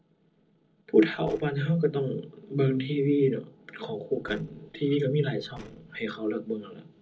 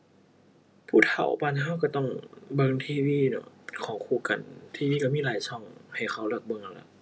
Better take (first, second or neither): second